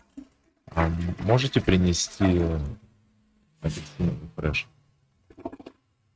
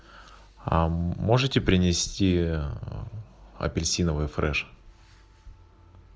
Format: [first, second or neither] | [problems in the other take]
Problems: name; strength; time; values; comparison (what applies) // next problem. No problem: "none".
second | noise reduction (neural mask model RNNoise)